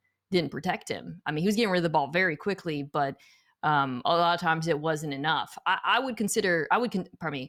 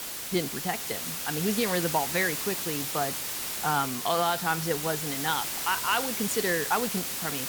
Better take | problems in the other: first | hiss; loud; throughout; 1 dB below the speech

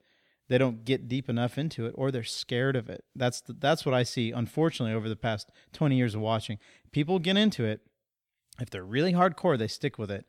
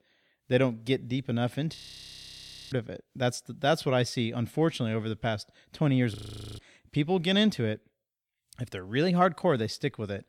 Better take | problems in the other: first | audio freezing; at 2 s for 1 s and at 6 s

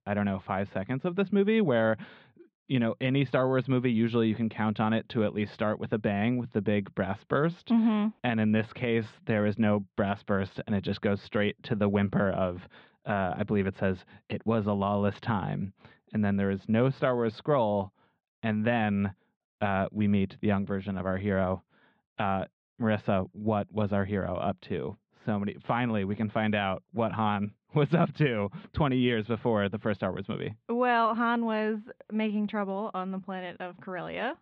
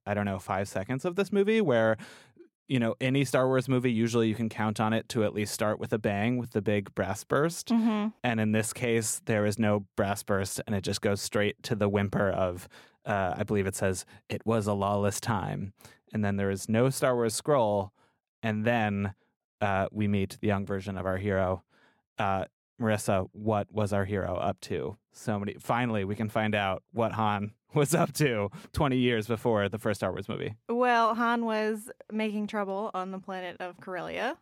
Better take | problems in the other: second | muffled; very; fading above 3.5 kHz

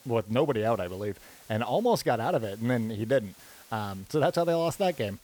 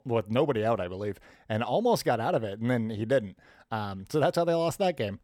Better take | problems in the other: second | hiss; faint; throughout; 25 dB below the speech

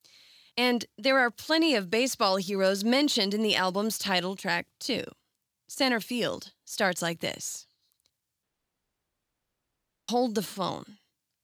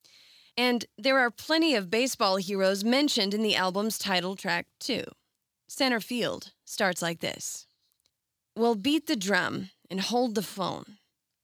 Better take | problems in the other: second | audio cutting out; at 8.5 s for 1.5 s

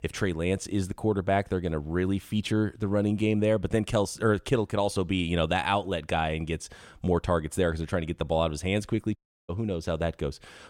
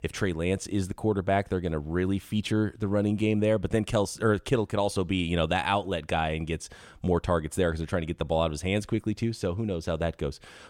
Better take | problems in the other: second | audio cutting out; at 9 s

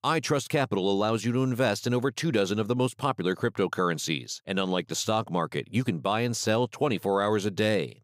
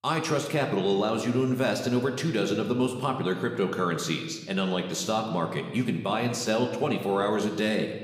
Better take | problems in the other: first | room echo; slight; dies away in 1.1 s

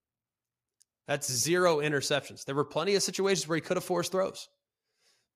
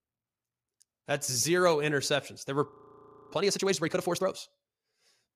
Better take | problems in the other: first | audio freezing; at 2.5 s for 0.5 s

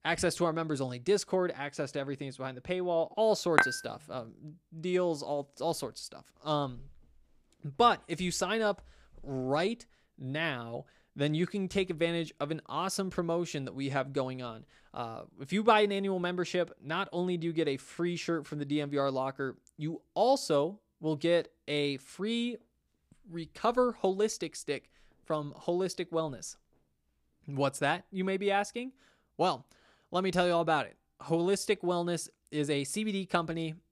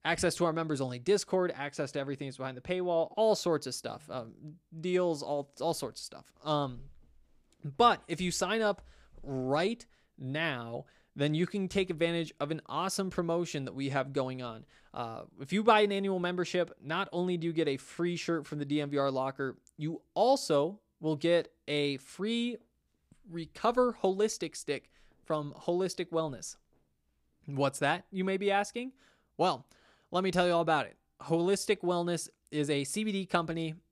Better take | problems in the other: second | clattering dishes; loud; at 3.5 s; peak 5 dB above the speech

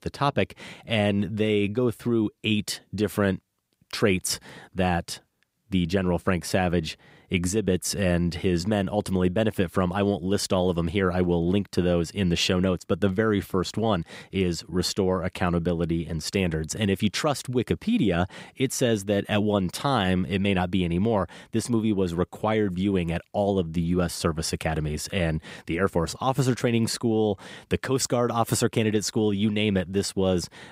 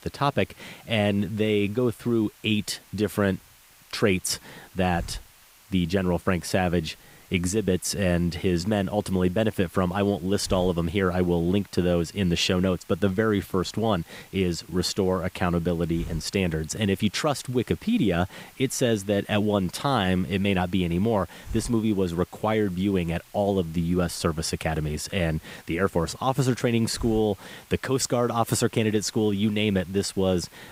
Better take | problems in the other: first | hiss; faint; throughout; 25 dB below the speech

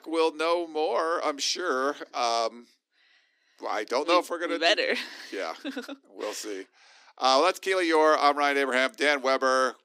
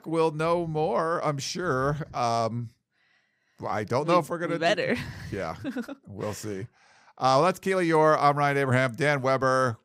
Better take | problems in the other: second | thin; somewhat; fading below 250 Hz

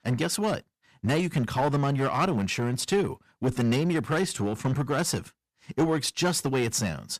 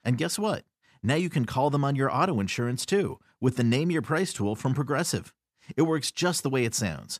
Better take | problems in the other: second | distortion; slight; 7% of the sound clipped

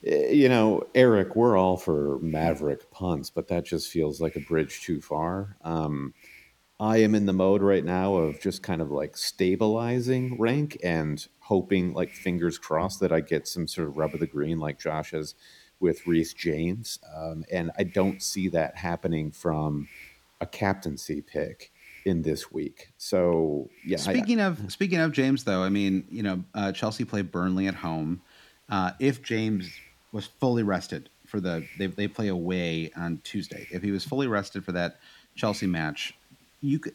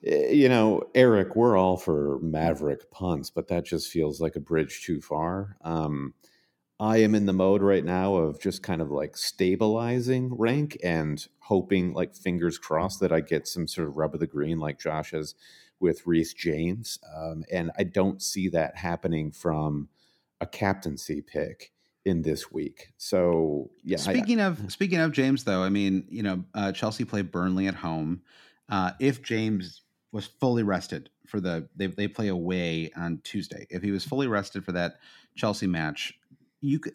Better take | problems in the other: second | hiss; faint; throughout; 25 dB below the speech

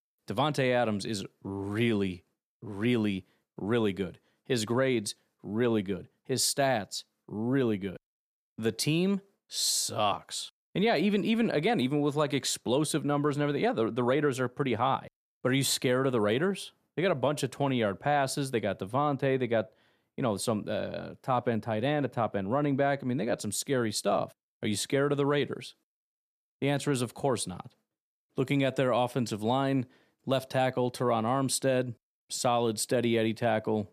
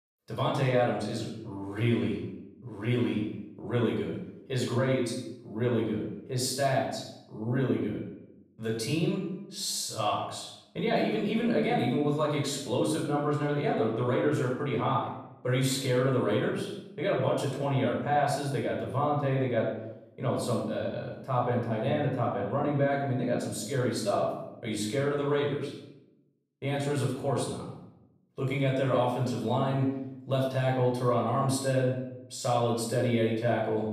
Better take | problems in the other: first | off-mic speech; far // room echo; noticeable; dies away in 0.8 s

